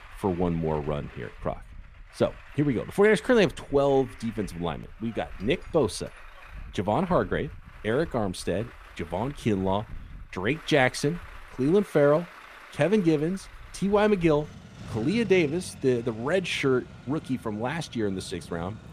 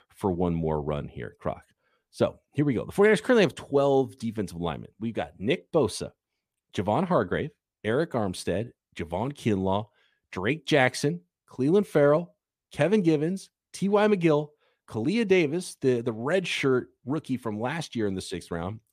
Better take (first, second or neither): second